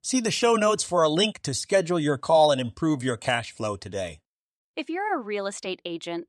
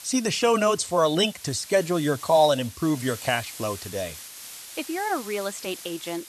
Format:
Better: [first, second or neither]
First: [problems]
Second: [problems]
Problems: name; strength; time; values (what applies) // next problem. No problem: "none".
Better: first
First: none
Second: hiss; noticeable; throughout; 15 dB below the speech